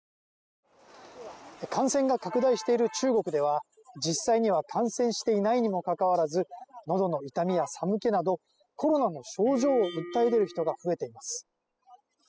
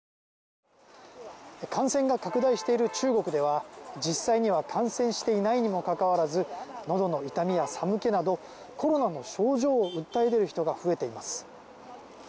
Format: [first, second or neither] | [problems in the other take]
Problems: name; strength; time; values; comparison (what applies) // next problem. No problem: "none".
second | noise reduction (classical method spectral subtraction)